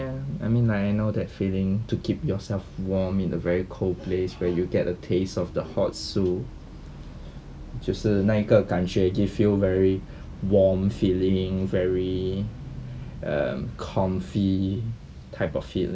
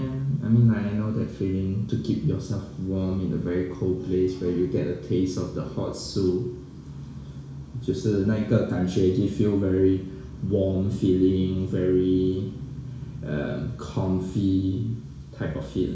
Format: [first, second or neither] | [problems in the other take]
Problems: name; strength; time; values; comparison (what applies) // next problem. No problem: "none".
first | room echo; dies away in 0.7 s